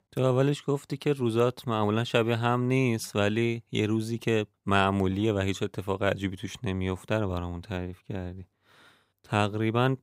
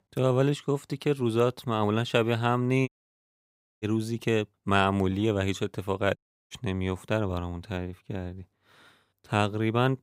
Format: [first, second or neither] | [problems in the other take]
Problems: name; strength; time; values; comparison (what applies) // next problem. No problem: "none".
first | audio cutting out; at 3 s for 1 s and at 6 s